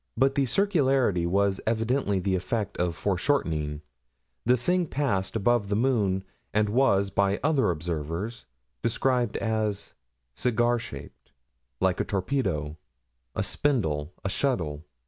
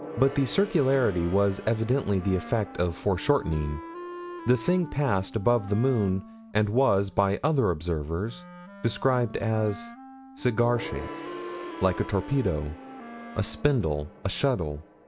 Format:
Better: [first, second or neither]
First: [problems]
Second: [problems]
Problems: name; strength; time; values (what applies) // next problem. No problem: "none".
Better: first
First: none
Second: background sound (Wind instrument, woodwind instrument + Gong); 14 dB below the speech